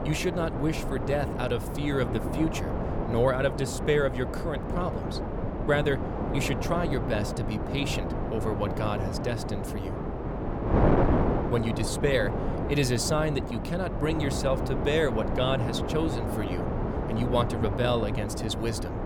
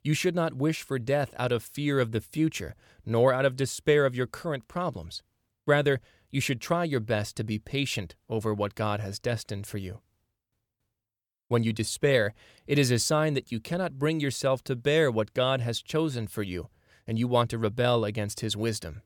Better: second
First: wind noise on the microphone; heavy; 3 dB below the speech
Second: none

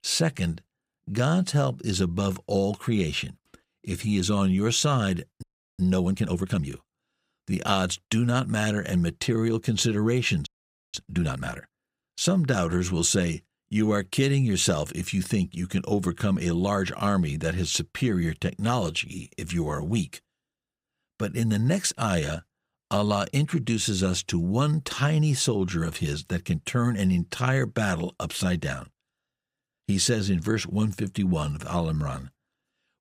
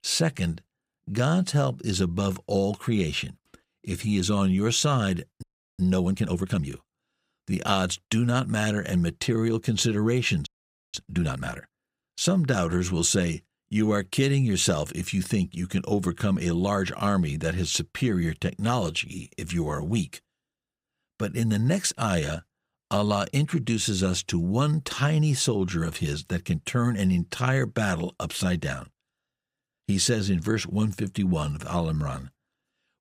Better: neither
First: audio freezing; at 5.5 s and at 10 s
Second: audio freezing; at 5.5 s and at 10 s

